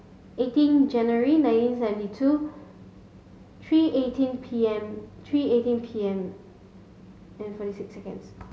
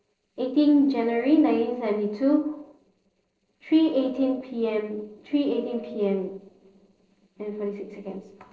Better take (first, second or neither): first